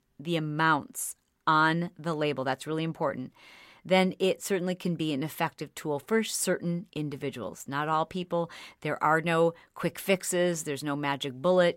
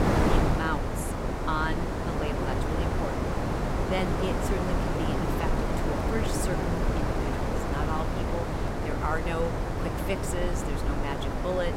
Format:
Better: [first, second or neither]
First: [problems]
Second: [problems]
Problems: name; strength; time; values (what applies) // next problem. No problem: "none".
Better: first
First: none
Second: wind noise on the microphone; heavy; 3 dB above the speech